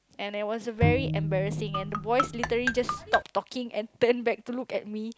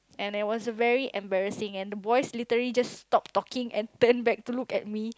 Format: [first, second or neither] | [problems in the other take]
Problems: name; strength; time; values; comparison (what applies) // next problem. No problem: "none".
second | background sound (Marimba, xylophone + Bowed string instrument); as loud as the speech